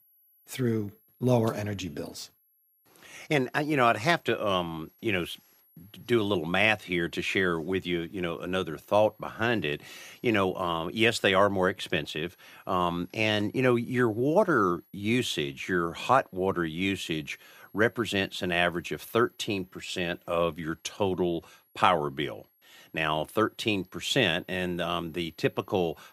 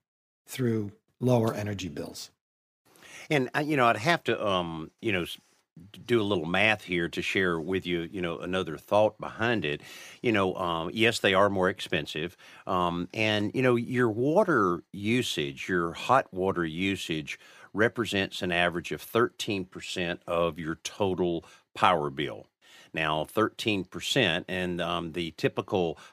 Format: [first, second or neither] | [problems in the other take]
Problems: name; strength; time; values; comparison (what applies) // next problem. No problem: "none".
second | high-pitched whine; faint; throughout; 12 kHz, 35 dB below the speech